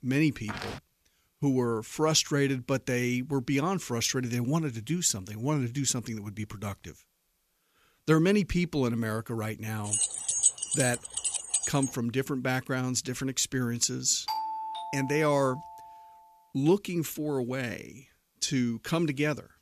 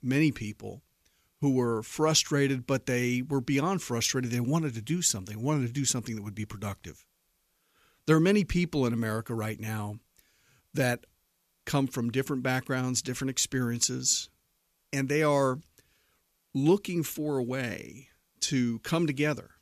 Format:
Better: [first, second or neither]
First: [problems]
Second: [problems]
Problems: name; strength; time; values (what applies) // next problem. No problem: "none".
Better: second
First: footsteps; noticeable; at 0.5 s; peak 9 dB below the speech // jangling keys; loud; from 10 to 12 s; peak 5 dB above the speech // doorbell; noticeable; from 14 to 16 s; peak 4 dB below the speech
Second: none